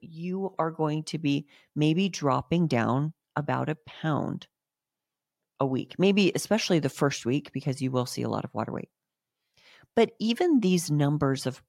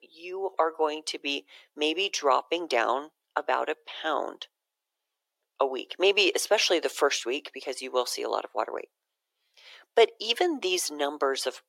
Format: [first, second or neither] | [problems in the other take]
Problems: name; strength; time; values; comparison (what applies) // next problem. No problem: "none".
first | thin; very; fading below 400 Hz